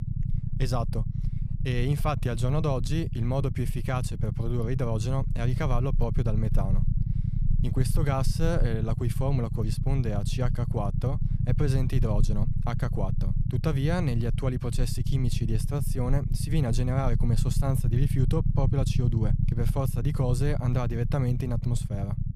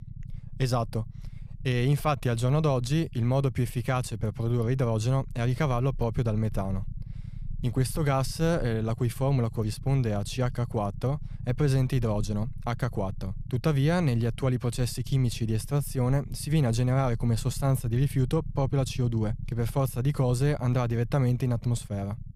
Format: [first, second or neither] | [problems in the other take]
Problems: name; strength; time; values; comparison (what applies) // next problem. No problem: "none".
second | low rumble; loud; throughout; 8 dB below the speech; faint in the second